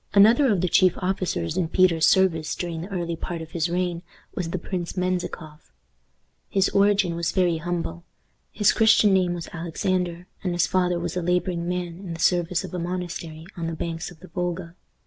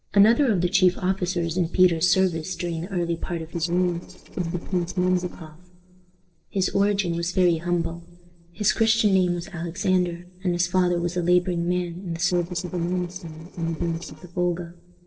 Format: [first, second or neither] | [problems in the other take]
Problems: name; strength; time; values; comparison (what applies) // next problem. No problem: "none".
first | noise reduction (neural separator model SepFormer DNS4)